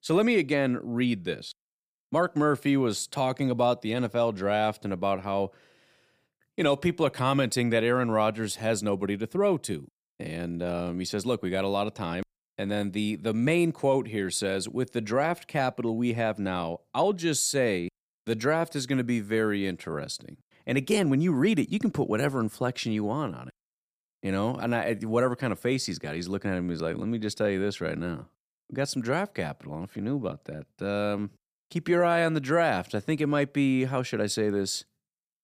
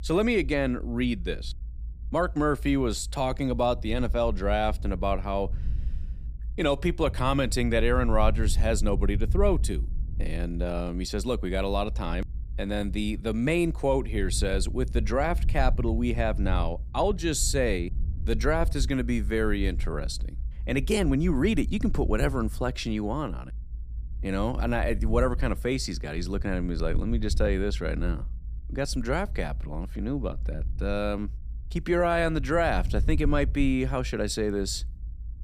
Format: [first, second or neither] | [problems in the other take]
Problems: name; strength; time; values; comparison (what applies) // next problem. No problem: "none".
first | low rumble; faint; throughout; 25 dB below the speech